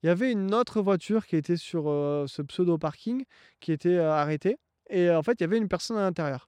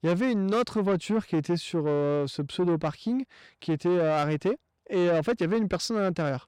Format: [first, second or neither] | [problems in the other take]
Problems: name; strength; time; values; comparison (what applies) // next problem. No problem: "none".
first | distortion; slight; 10 dB below the speech